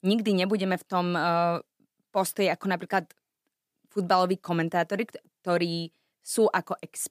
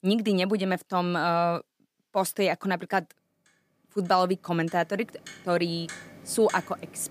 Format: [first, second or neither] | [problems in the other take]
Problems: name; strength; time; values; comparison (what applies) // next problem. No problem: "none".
first | household noises; noticeable; throughout; 20 dB below the speech